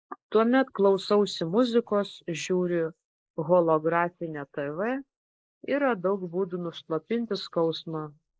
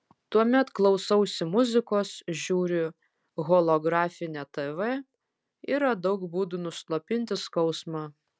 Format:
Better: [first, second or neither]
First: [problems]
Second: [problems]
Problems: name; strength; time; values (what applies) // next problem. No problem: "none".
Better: second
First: noise reduction (neural mask model Resemble Enhance denoiser)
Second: none